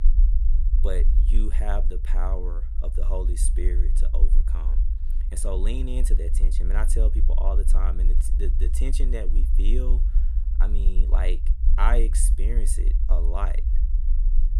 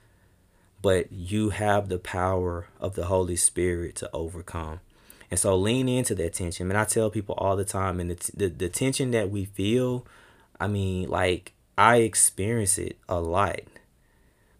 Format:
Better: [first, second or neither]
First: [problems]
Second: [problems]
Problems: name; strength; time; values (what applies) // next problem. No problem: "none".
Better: second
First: low rumble; noticeable; throughout; 10 dB below the speech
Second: none